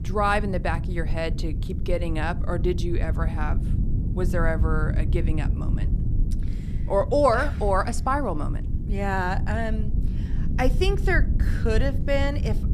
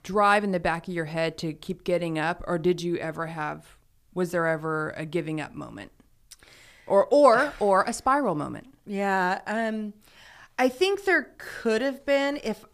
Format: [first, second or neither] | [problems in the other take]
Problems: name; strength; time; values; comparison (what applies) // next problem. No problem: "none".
second | low rumble; noticeable; throughout; 15 dB below the speech